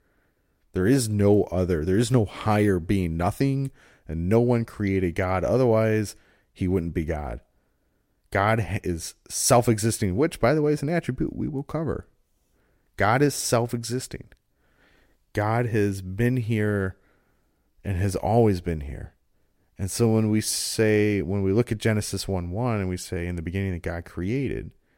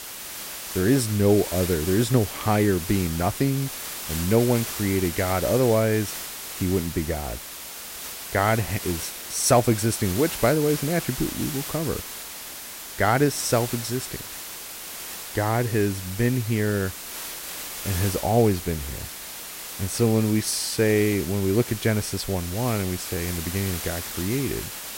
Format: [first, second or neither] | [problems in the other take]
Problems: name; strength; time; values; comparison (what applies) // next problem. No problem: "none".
first | hiss; loud; throughout; 8 dB below the speech